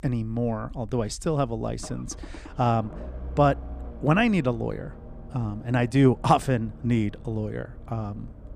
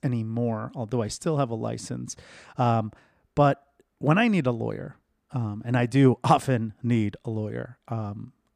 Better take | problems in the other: second | low rumble; faint; throughout; 20 dB below the speech

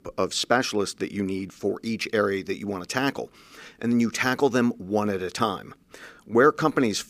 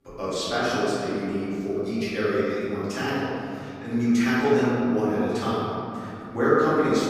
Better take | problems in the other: first | room echo; strong; dies away in 3 s // off-mic speech; far

